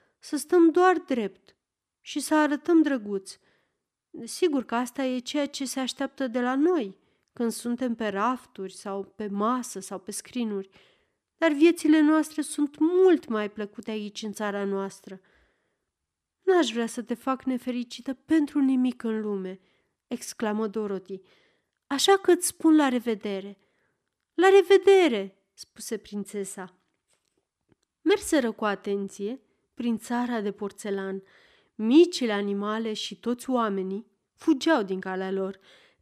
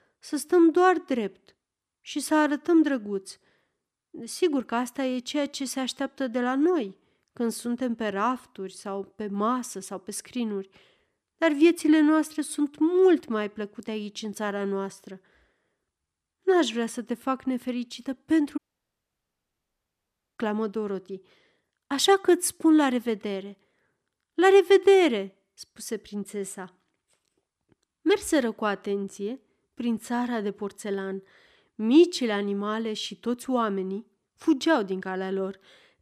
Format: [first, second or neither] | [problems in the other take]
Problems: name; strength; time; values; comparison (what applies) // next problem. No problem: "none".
first | audio cutting out; at 19 s for 2 s